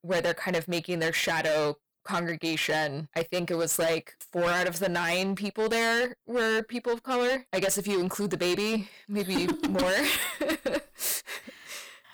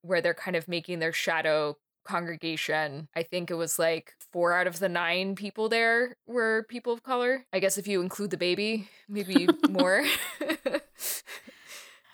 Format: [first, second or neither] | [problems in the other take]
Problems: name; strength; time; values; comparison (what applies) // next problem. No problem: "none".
second | distortion; heavy; 18% of the sound clipped